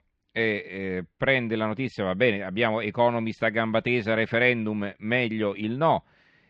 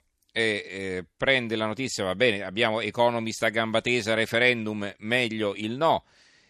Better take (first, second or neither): second